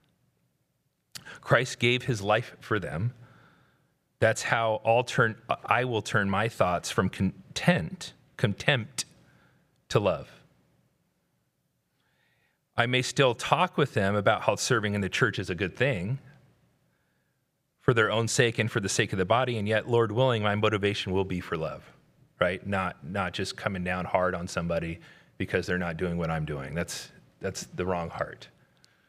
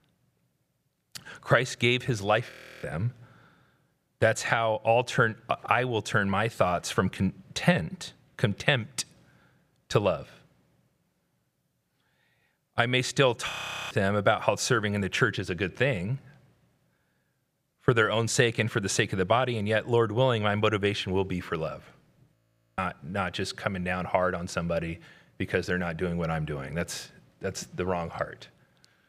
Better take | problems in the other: first | audio freezing; at 2.5 s, at 14 s and at 22 s

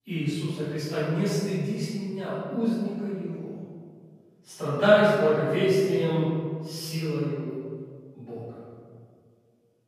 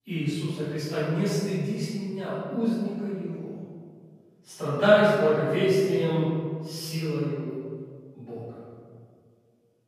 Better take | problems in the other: neither | off-mic speech; far; the same in both // room echo; strong; dies away in 1.8 s; the same in both

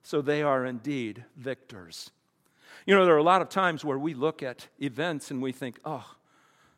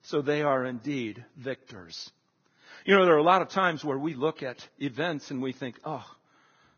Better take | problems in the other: first | garbled, watery; badly; nothing above 6.5 kHz

